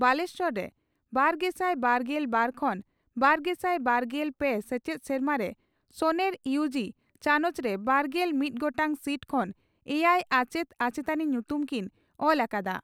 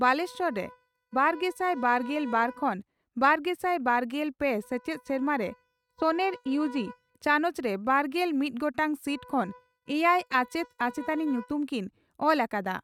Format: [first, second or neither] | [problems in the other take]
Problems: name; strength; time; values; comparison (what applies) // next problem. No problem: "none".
first | noise reduction (neural mask model RNNoise)